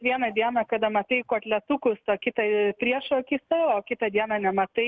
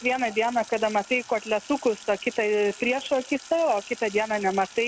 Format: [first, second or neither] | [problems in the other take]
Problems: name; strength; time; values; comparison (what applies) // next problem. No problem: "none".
first | background sound (Sink (filling or washing)); 19 dB below the speech